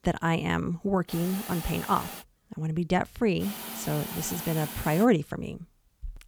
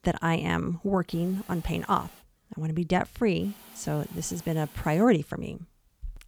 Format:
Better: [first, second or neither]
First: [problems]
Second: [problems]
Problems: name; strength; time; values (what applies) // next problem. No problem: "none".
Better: second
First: hiss; loud; from 1 to 2 s and from 3.5 to 5 s; 9 dB below the speech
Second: hiss; faint; from 1 to 2 s and from 3.5 to 5 s; 20 dB below the speech